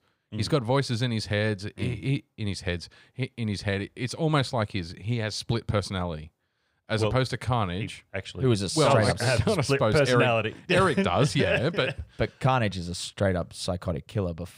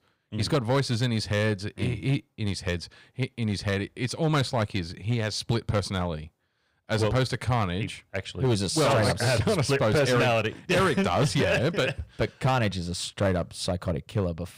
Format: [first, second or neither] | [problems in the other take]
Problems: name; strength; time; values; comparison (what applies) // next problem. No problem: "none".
first | distortion; slight; 7% of the sound clipped